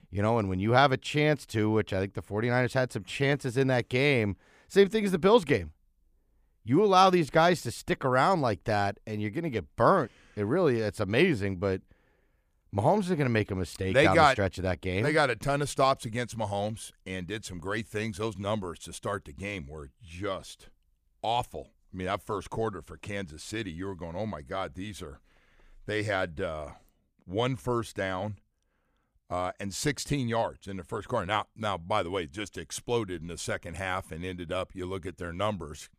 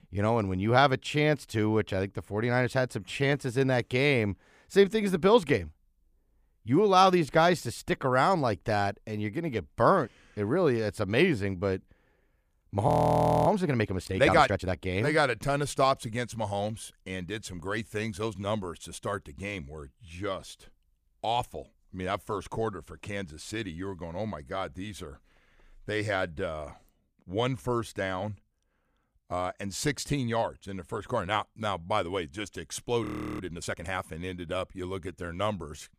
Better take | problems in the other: first | audio freezing; at 13 s for 0.5 s and at 33 s

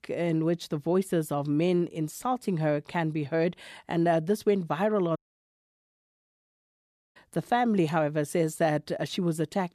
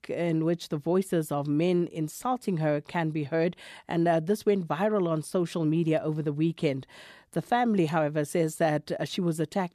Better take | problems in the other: second | audio cutting out; at 5 s for 2 s

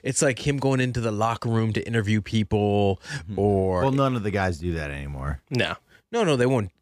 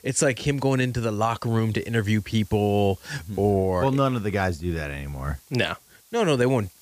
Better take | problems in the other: first | hiss; faint; throughout; 25 dB below the speech

